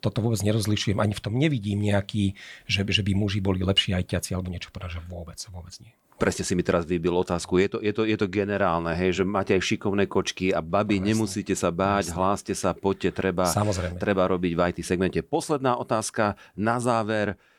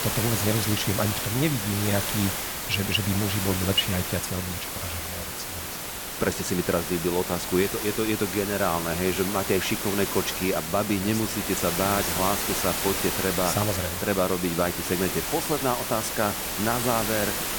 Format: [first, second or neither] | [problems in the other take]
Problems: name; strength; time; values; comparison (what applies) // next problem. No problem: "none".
first | hiss; loud; throughout; 1 dB below the speech